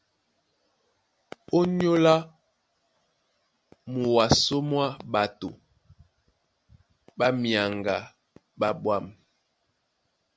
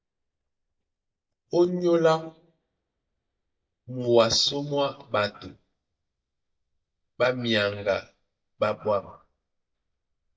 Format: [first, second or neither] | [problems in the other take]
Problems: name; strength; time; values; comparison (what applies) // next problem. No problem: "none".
first | noise reduction (neural mask model DeepFilterNet 3)